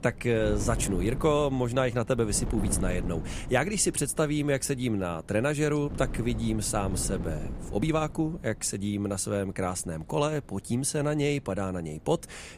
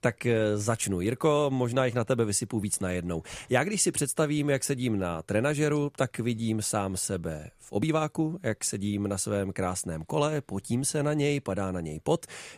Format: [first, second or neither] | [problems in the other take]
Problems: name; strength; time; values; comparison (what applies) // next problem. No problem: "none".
second | wind noise on the microphone; occasional gusts; 15 dB below the speech